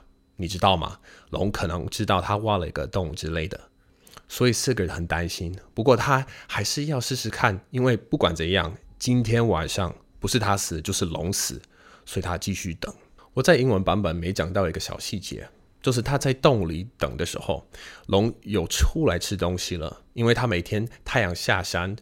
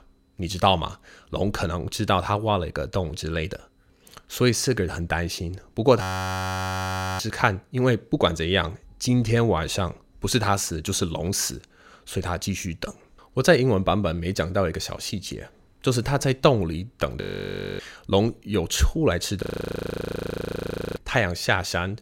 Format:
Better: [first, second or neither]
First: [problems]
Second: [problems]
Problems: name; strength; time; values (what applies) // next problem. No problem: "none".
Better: first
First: none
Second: audio freezing; at 6 s for 1 s, at 17 s for 0.5 s and at 19 s for 1.5 s